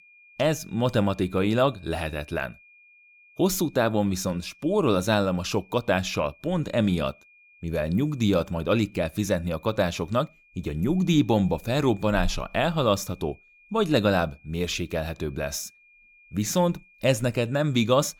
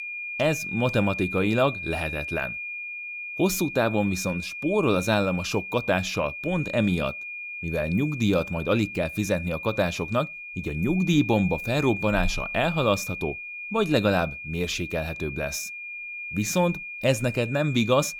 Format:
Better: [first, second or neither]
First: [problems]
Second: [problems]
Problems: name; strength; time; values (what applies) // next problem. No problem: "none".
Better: first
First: high-pitched whine; faint; throughout; 2.5 kHz, 30 dB below the speech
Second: high-pitched whine; loud; throughout; 2.5 kHz, 7 dB below the speech